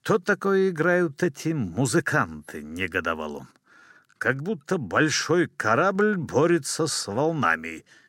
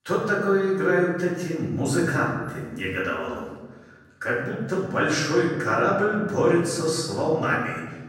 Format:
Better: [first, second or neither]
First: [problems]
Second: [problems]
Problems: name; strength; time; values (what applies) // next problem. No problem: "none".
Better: first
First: none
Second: off-mic speech; far // room echo; noticeable; dies away in 1.2 s